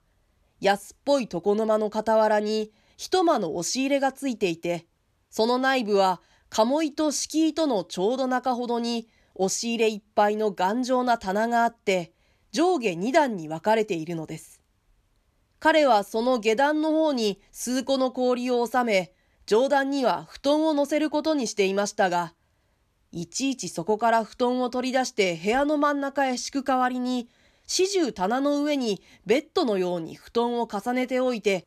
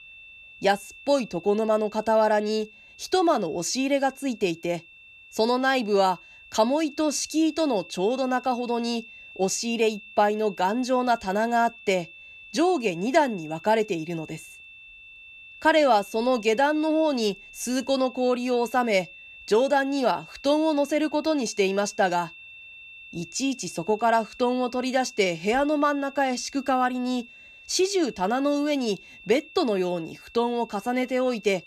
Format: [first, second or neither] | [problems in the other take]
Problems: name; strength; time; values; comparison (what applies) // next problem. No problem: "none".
first | high-pitched whine; noticeable; throughout; 2.5 kHz, 20 dB below the speech